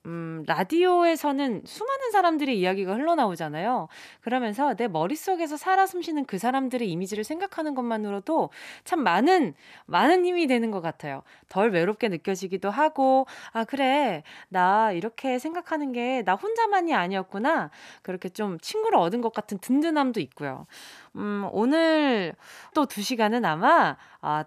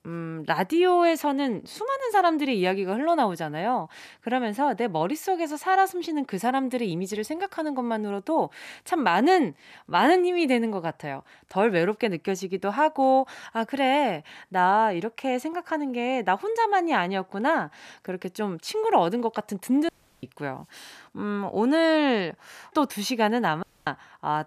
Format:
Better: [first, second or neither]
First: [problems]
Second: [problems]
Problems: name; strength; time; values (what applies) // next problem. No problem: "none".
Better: first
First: none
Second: audio cutting out; at 20 s and at 24 s